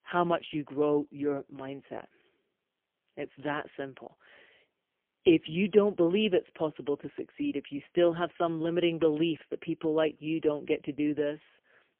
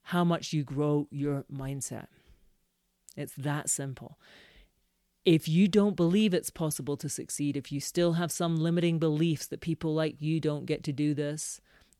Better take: second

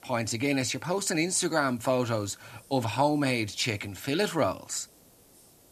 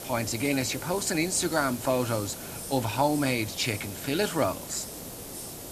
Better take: first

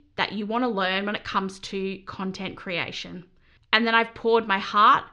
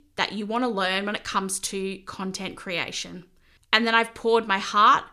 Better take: second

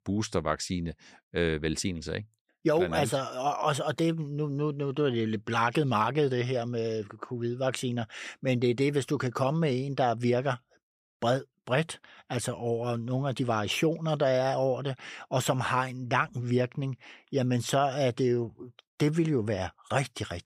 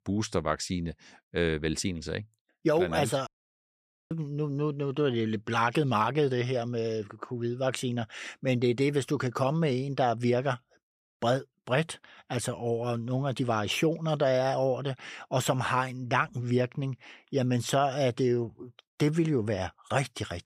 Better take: first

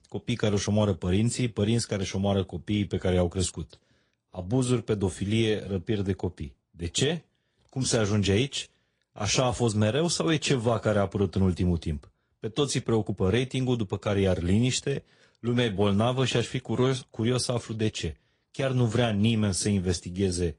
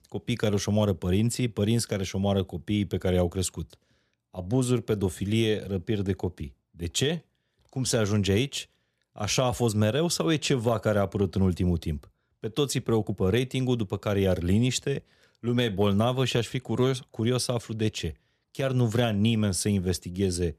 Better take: second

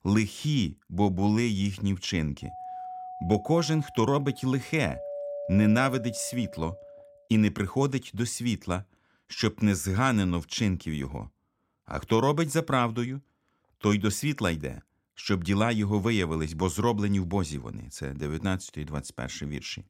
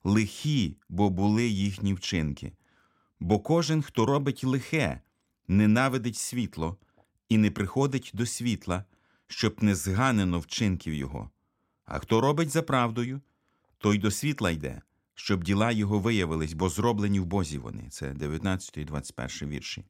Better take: second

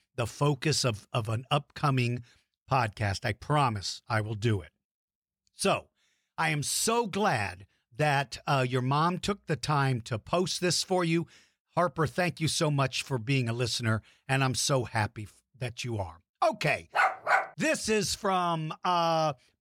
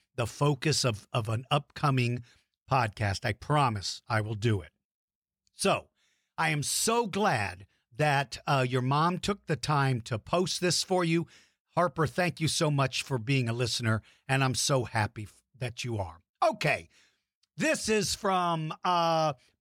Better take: second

